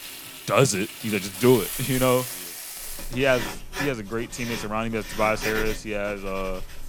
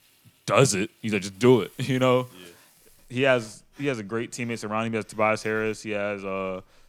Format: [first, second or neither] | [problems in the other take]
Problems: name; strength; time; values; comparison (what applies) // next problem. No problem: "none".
second | household noises; loud; throughout; 8 dB below the speech; faint in the second